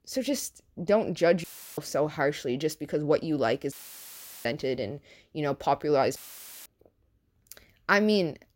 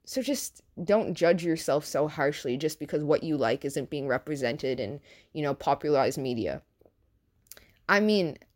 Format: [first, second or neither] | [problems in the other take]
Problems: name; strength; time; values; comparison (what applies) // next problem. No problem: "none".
second | audio cutting out; filled with static; at 1.5 s, at 3.5 s for 0.5 s and at 6 s for 0.5 s